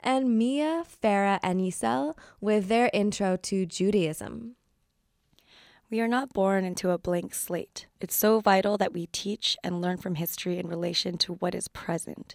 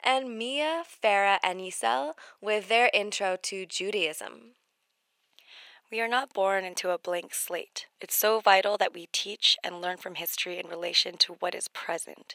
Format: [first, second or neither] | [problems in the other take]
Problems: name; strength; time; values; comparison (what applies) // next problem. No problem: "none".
first | thin; very; fading below 650 Hz